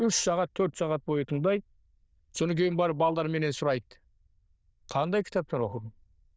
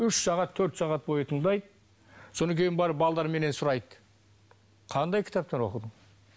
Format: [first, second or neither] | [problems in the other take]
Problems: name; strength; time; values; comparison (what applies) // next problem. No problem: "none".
second | noise reduction (neural diffusion model UNIVERSE++)